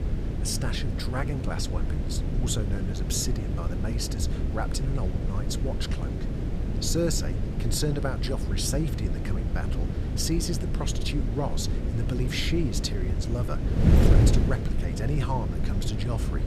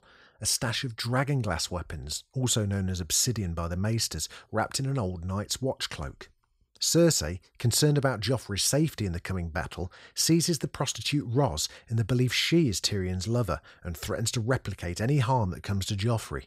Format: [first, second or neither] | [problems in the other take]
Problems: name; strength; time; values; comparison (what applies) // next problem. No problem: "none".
second | wind noise on the microphone; heavy; 4 dB below the speech